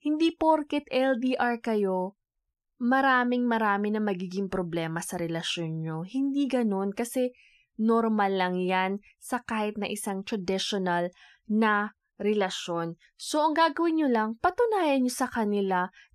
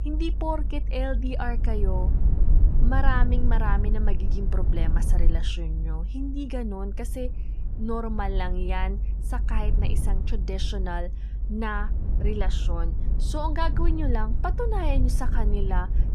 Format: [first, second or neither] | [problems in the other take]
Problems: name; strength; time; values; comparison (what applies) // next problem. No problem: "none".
first | low rumble; noticeable; throughout; 10 dB below the speech